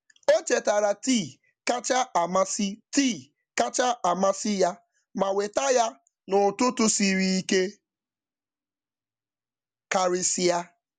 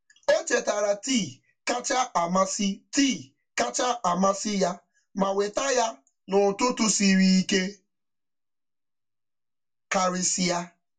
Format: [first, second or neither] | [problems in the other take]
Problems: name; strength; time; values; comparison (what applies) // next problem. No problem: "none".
first | room echo; dies away in 0.1 s